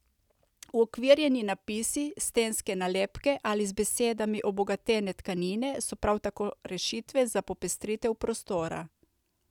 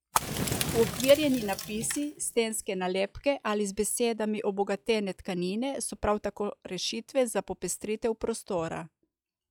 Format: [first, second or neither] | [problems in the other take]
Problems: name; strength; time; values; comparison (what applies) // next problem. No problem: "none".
first | noise reduction (classical method log-MMSE)